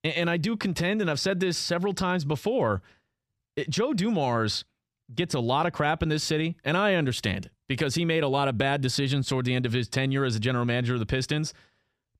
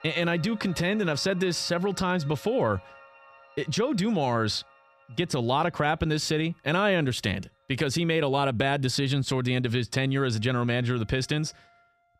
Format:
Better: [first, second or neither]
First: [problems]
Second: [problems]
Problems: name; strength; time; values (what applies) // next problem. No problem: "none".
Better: first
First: none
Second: background music; faint; throughout; 25 dB below the speech